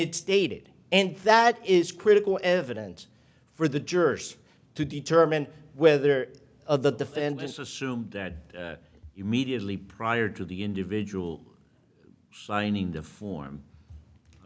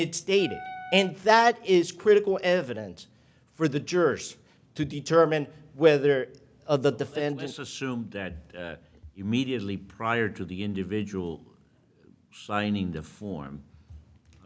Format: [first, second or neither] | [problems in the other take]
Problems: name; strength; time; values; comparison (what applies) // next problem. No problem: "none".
first | background sound (Wind instrument, woodwind instrument); 15 dB below the speech